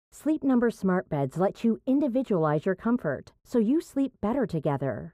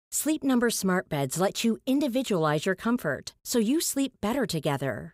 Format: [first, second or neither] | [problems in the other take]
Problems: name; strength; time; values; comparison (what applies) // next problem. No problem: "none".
second | muffled; very; fading above 2 kHz